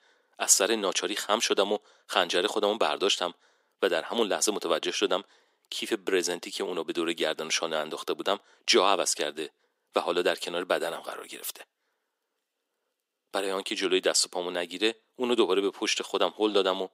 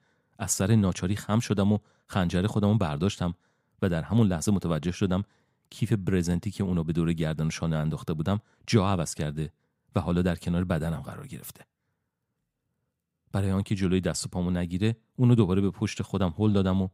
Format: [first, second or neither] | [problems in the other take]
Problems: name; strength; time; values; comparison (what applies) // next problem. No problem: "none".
second | thin; very; fading below 350 Hz